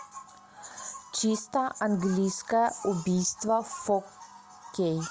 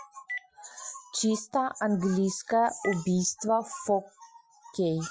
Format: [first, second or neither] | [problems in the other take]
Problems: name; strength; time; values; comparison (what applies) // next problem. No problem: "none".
first | noise reduction (classical method Wiener filter)